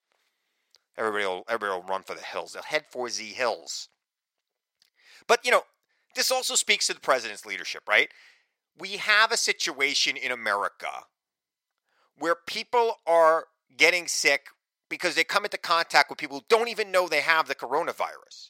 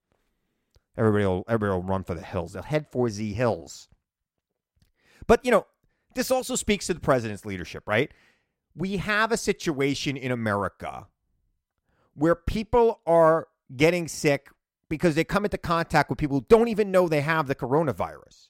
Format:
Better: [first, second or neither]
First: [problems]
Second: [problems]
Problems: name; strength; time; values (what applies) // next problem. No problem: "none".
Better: second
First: thin; very; fading below 700 Hz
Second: none